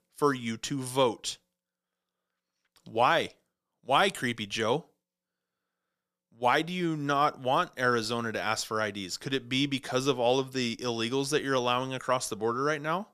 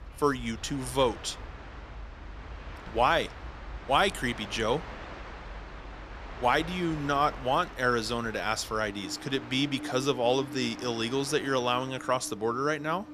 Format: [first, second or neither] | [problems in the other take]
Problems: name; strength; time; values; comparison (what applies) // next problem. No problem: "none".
first | train or aircraft noise; noticeable; throughout; 15 dB below the speech